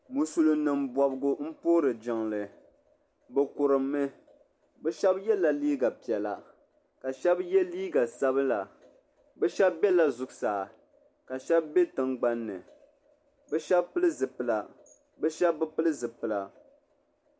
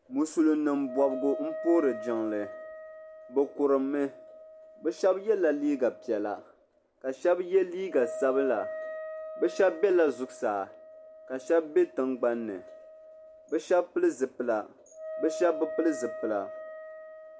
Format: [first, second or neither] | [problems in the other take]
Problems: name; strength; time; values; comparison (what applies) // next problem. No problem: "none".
first | background sound (Wind instrument, woodwind instrument); 12 dB below the speech